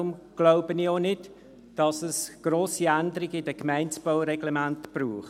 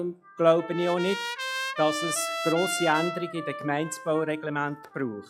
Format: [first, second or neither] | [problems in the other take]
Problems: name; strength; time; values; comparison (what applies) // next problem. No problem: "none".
first | noise reduction (classical method log-MMSE)